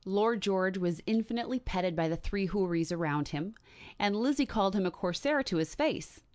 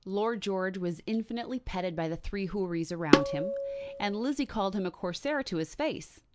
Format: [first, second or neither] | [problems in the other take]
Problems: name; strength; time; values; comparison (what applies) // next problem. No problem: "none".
first | background sound (Tabla); 5 dB above the speech